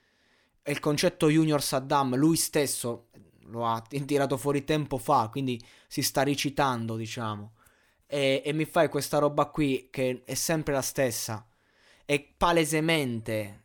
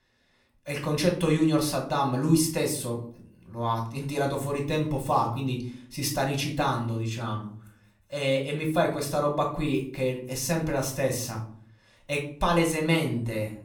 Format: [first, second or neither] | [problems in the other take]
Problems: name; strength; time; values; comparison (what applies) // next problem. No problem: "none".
first | off-mic speech; somewhat distant // room echo; slight; dies away in 0.4 s